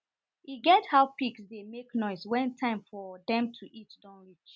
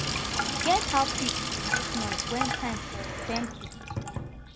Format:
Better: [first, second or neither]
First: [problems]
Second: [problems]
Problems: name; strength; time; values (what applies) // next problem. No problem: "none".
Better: first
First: none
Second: background sound (Sink (filling or washing)); 2 dB above the speech